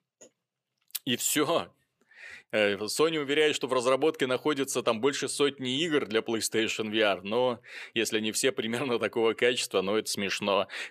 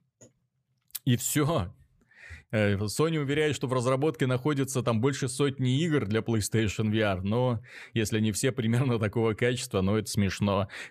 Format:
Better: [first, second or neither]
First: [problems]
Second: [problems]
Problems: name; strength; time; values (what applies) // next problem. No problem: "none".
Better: second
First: thin; somewhat; fading below 400 Hz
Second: none